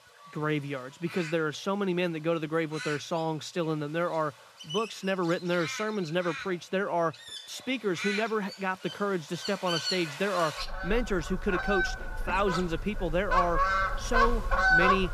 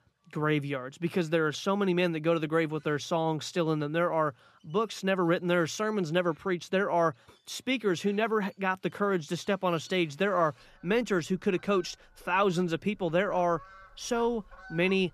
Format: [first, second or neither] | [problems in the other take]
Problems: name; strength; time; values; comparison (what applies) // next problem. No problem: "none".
second | animal sounds; loud; throughout; as loud as the speech; faint in the second